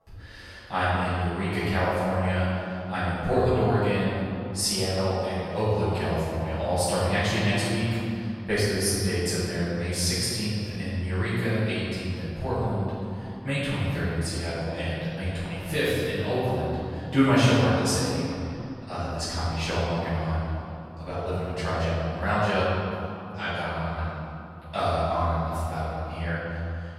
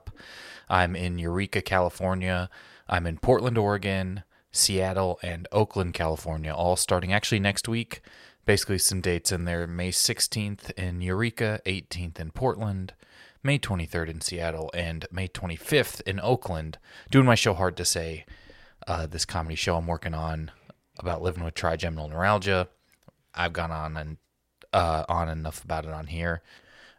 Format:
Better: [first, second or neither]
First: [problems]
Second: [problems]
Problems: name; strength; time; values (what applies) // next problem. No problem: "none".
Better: second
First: off-mic speech; far // room echo; strong; dies away in 3 s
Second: none